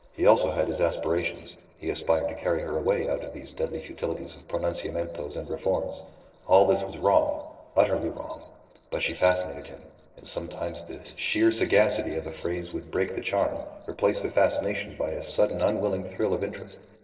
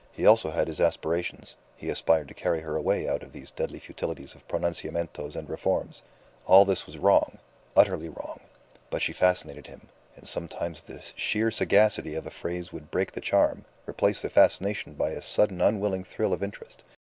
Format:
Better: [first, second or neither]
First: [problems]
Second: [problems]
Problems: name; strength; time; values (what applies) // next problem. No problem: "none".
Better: second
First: noise reduction (neural separator model SepFormer DNS4)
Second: none